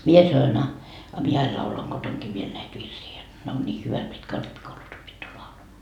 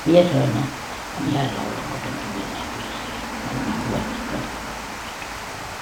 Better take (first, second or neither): first